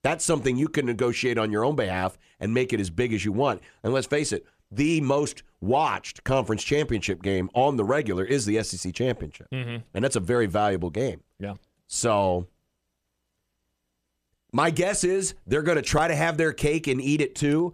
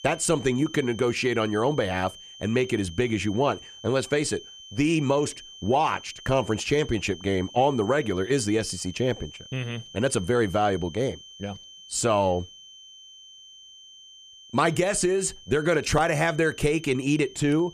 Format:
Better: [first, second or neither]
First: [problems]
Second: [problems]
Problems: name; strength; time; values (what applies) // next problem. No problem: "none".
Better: first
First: none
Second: high-pitched whine; noticeable; throughout; 3 kHz, 20 dB below the speech